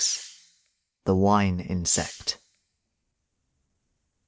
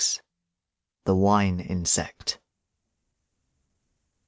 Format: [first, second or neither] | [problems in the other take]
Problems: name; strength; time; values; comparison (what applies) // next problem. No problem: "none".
second | background sound (Hiss); 18 dB below the speech